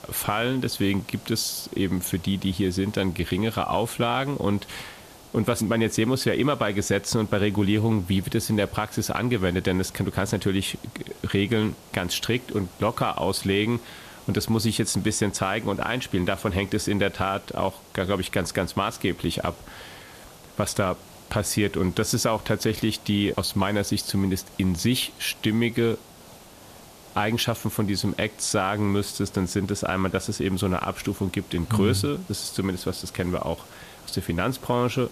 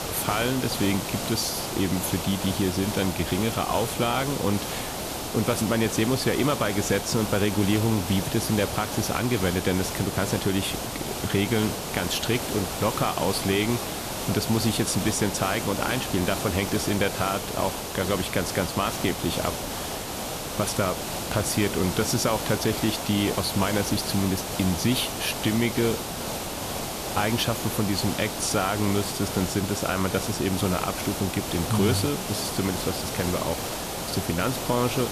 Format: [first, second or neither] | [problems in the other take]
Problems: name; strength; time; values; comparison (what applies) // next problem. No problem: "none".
first | hiss; loud; throughout; 4 dB below the speech; faint in the first